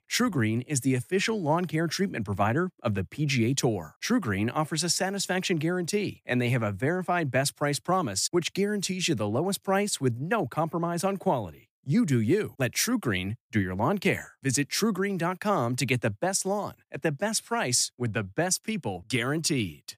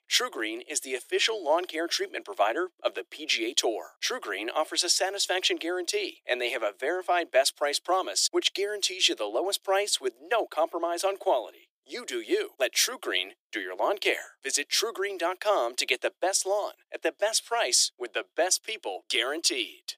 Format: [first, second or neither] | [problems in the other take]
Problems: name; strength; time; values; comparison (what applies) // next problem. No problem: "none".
first | thin; very; fading below 350 Hz